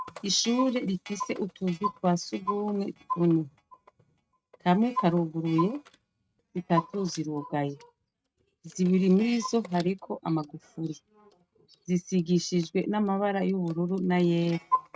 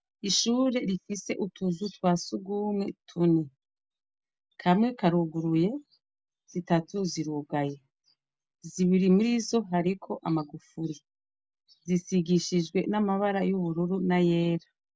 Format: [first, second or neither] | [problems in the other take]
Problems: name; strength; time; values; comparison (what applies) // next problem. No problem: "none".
second | noise reduction (neural mask model RNNoise)